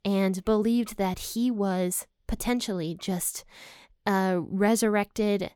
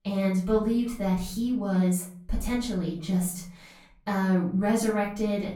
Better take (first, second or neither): first